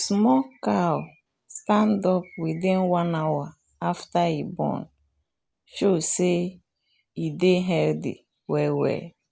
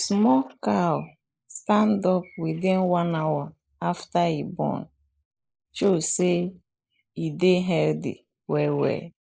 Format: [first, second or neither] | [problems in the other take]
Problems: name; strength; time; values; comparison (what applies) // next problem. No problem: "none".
first | noise reduction (neural mask model Resemble Enhance denoiser)